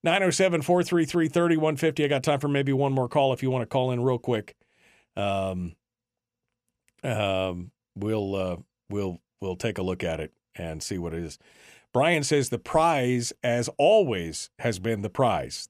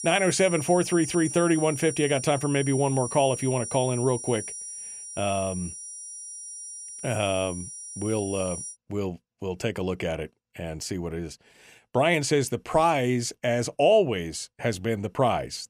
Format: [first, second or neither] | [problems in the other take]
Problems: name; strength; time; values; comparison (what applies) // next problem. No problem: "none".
first | high-pitched whine; loud; until 8.5 s; 9.5 kHz, 9 dB below the speech